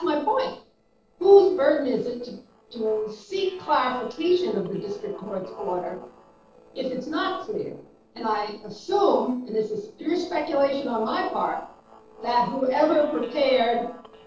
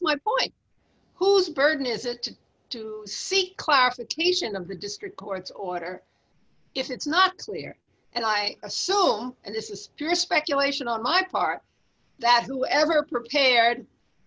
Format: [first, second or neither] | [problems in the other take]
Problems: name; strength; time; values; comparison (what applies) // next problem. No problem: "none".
second | noise reduction (neural separator model SepFormer DNS4)